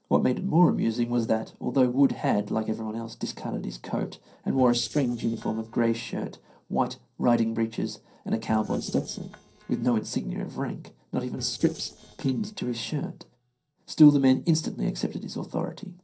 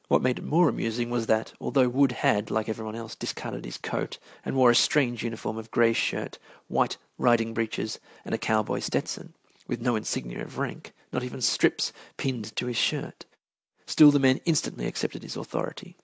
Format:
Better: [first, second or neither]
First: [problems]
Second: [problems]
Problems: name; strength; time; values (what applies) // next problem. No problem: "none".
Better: second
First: noise reduction (neural separator model SepFormer DNS4)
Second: none